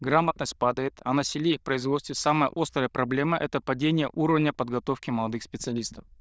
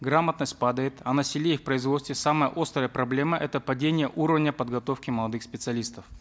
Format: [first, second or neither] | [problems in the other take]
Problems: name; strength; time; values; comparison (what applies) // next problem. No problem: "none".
second | noise reduction (neural diffusion model UNIVERSE++)